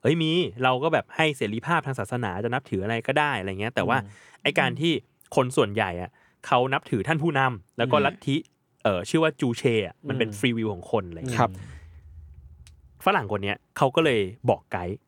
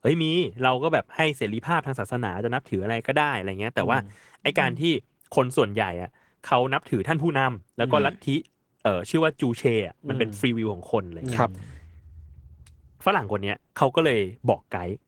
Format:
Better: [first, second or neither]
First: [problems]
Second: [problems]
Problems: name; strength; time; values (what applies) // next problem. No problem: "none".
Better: first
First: none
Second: garbled, watery; slightly; nothing above 18.5 kHz